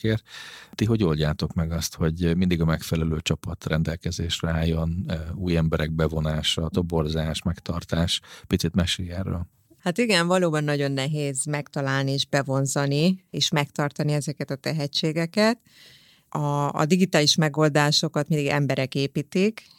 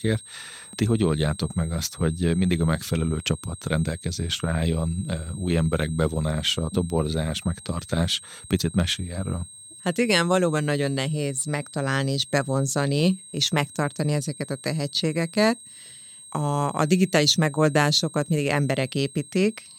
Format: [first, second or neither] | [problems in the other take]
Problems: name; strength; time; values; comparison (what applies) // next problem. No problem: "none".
first | high-pitched whine; noticeable; throughout; 8.5 kHz, 15 dB below the speech